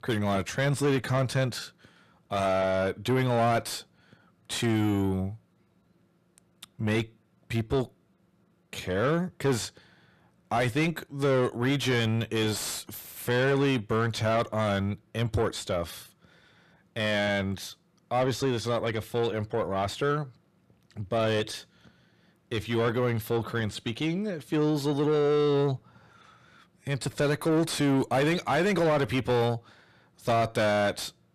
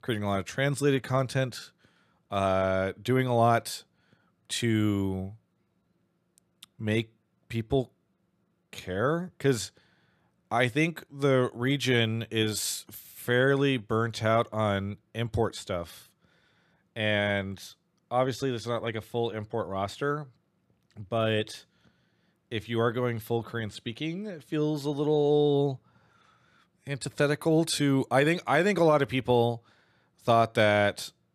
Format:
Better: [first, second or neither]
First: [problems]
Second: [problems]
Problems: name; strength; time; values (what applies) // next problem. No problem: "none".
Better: second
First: distortion; heavy; 8 dB below the speech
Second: none